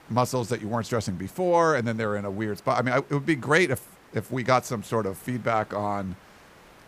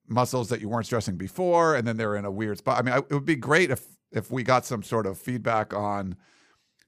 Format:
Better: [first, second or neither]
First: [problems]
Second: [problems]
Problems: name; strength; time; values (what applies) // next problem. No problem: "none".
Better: second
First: hiss; faint; throughout; 25 dB below the speech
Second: none